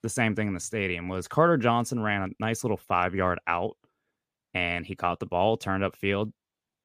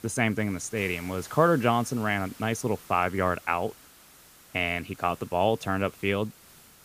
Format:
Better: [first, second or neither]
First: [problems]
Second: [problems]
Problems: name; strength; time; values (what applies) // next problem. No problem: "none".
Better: first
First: none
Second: hiss; faint; throughout; 20 dB below the speech